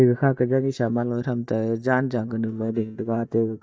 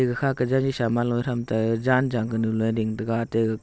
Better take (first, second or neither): second